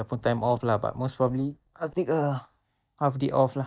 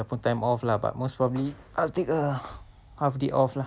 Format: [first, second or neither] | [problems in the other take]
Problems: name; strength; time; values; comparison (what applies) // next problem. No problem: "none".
second | noise reduction (neural mask model DeepFilterNet 3)